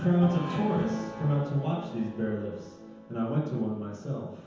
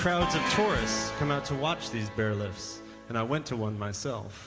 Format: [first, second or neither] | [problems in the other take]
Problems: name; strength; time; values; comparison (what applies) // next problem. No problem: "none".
second | room echo; dies away in 0.9 s